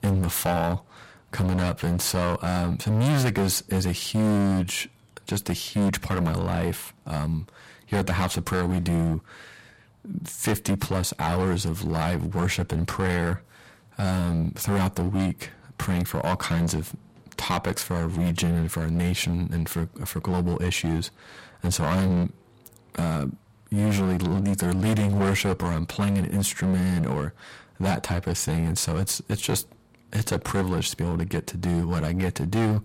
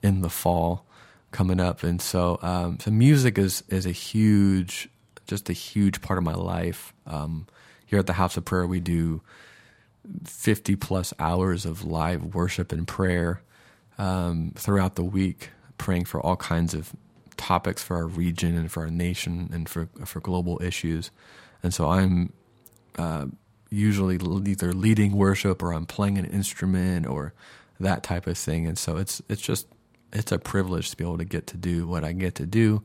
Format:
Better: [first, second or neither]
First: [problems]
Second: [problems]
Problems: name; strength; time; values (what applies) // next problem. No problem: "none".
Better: second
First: distortion; heavy; 14% of the sound clipped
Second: none